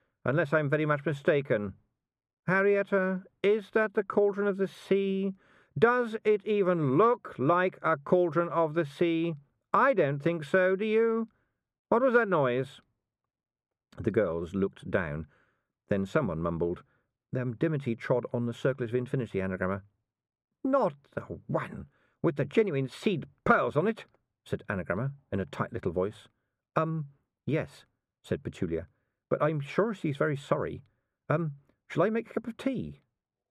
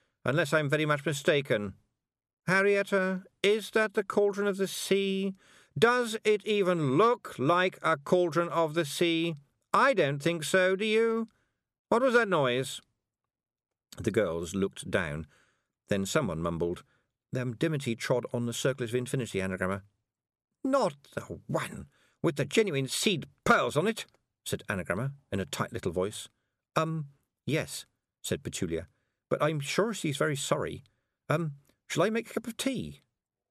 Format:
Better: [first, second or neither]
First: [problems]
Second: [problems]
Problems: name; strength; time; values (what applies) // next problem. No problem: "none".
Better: second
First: muffled; very; fading above 3 kHz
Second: none